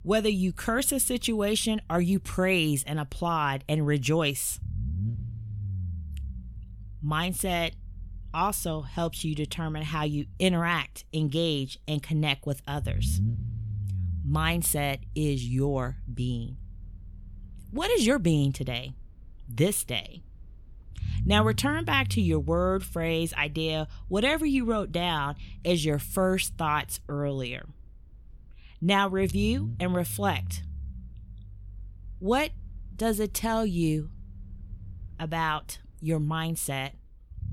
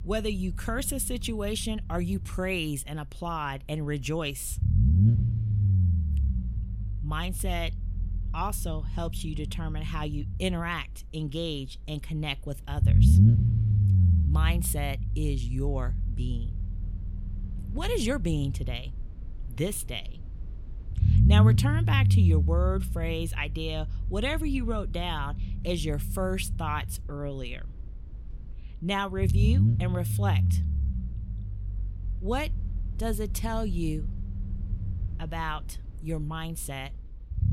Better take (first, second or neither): first